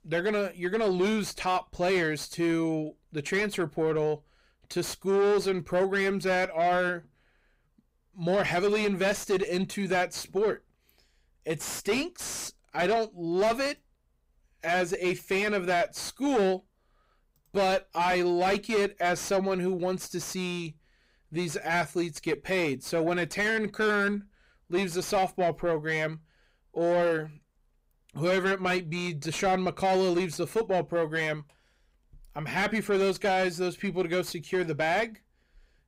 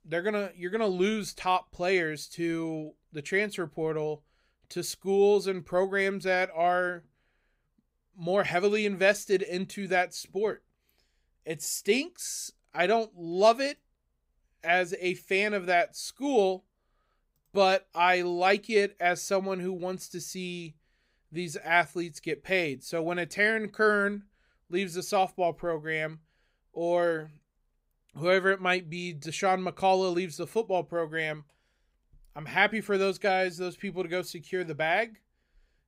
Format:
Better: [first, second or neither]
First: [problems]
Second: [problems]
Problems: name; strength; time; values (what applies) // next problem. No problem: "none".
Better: second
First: distortion; heavy; 7 dB below the speech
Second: none